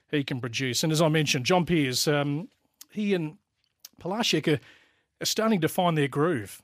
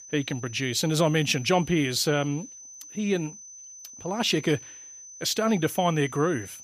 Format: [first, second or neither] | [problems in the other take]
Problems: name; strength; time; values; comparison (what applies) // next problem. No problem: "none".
first | high-pitched whine; noticeable; throughout; 6 kHz, 15 dB below the speech